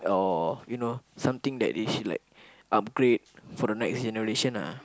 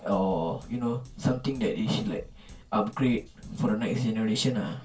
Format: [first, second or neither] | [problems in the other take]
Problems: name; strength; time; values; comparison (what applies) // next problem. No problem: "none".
first | background sound (Drum kit); 20 dB below the speech // room echo; dies away in 0.2 s